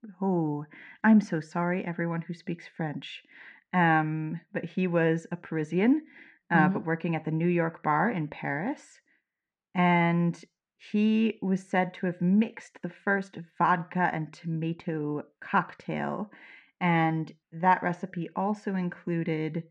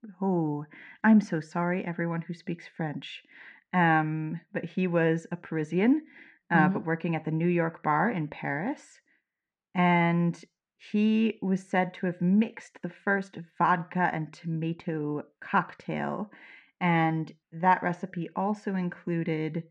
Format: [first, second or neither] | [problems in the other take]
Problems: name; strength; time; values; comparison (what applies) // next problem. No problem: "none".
neither | muffled; very; fading above 2 kHz; the same in both